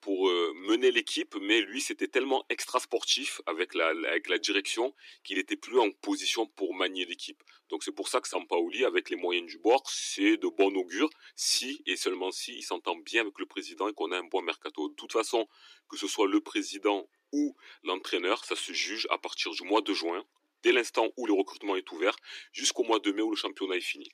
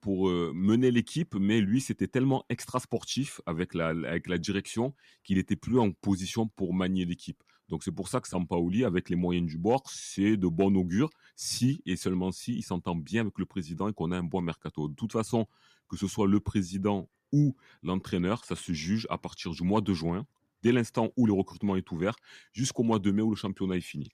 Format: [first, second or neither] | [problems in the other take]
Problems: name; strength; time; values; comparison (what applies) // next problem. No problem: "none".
second | thin; very; fading below 300 Hz